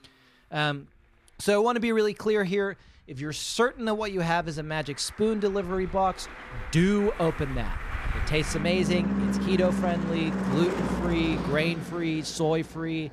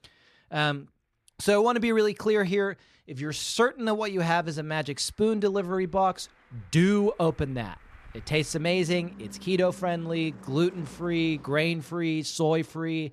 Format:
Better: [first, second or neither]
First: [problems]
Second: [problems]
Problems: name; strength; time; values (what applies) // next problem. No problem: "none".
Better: second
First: traffic noise; loud; throughout; 4 dB below the speech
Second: traffic noise; faint; throughout; 25 dB below the speech